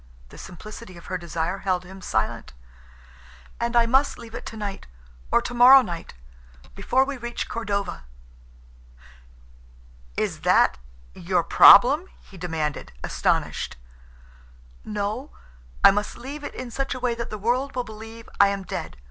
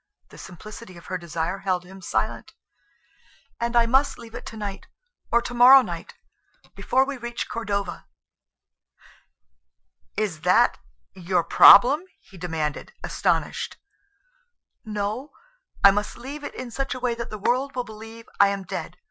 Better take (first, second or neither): first